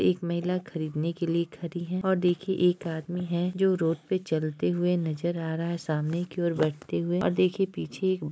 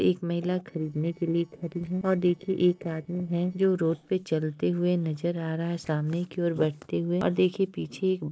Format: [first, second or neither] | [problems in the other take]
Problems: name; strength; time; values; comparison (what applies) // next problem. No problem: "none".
first | noise reduction (neural separator model SepFormer DNS4)